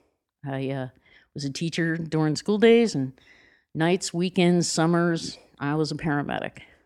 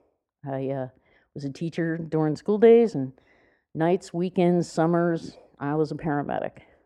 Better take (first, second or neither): first